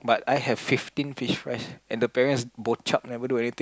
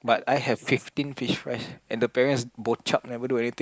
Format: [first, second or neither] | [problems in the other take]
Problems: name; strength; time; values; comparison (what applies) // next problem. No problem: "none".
first | noise reduction (neural mask model Resemble Enhance denoiser)